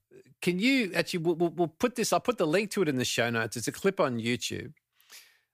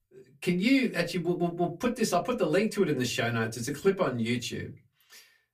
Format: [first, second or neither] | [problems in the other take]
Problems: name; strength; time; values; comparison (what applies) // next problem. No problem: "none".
first | off-mic speech; far // room echo; very slight; dies away in 0.2 s